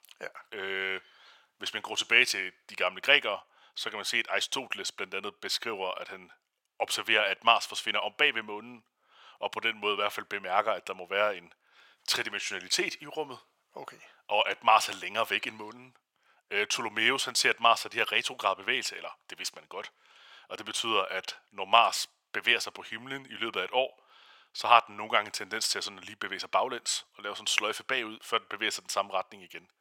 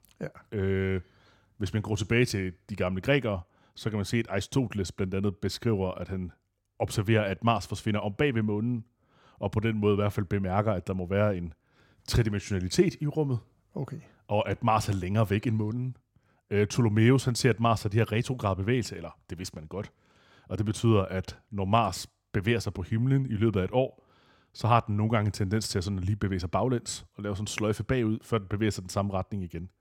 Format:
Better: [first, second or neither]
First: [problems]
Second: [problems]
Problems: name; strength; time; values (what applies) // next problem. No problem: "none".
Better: second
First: thin; very; fading below 850 Hz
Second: none